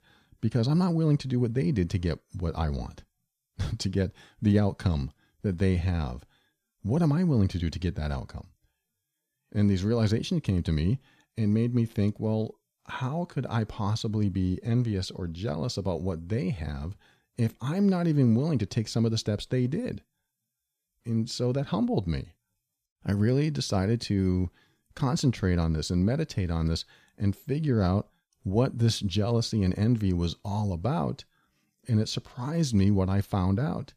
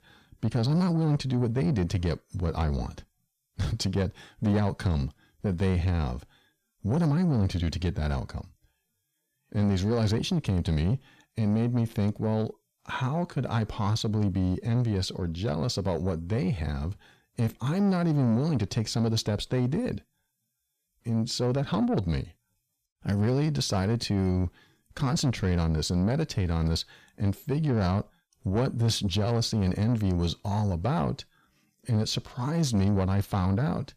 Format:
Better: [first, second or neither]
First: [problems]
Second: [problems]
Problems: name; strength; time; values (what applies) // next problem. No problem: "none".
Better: first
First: none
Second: distortion; slight; 10 dB below the speech